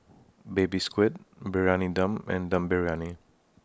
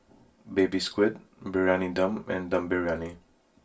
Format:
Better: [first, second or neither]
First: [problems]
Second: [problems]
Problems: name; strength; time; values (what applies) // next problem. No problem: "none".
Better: first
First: none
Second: room echo; dies away in 0.2 s